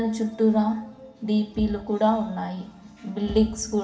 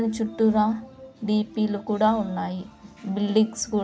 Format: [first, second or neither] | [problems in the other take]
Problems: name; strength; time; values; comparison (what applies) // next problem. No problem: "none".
second | background sound (Thump, thud); 17 dB below the speech // room echo; dies away in 0.6 s